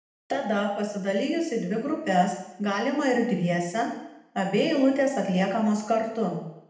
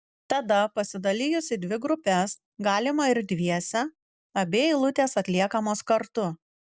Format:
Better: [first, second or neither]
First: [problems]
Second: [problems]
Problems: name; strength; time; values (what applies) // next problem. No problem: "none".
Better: second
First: room echo; dies away in 0.8 s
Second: none